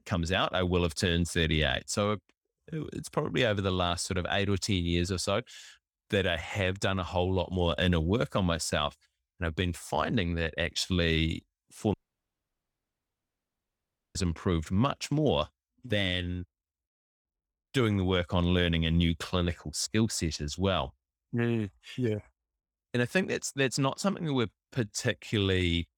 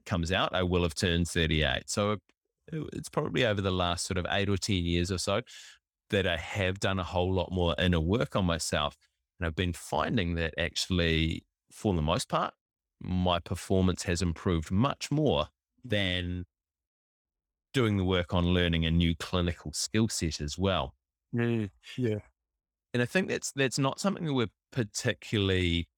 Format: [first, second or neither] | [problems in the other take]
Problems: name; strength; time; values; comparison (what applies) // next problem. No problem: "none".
second | audio cutting out; at 12 s for 2 s